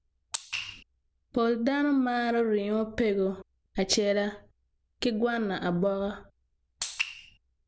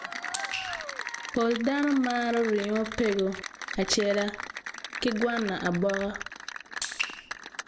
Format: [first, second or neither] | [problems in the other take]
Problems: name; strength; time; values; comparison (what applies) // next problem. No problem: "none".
first | background sound (Applause / Cheering); 9 dB below the speech